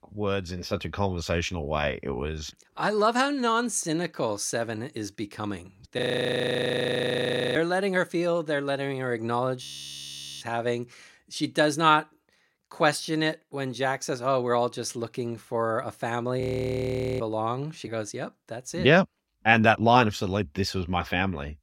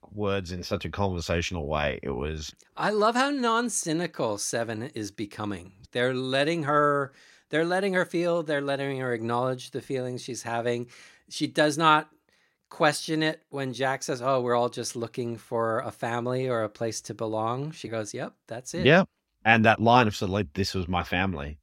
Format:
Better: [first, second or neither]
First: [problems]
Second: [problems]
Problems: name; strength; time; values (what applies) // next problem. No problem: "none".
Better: second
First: audio freezing; at 6 s for 1.5 s, at 9.5 s for 1 s and at 16 s for 1 s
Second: none